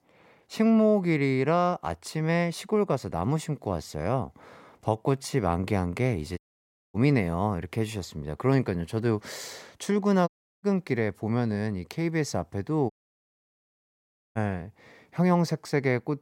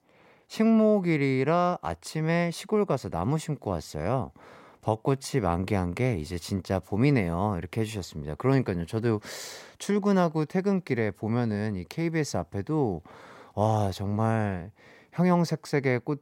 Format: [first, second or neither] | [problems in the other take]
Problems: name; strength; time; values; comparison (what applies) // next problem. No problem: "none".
second | audio cutting out; at 6.5 s for 0.5 s, at 10 s and at 13 s for 1.5 s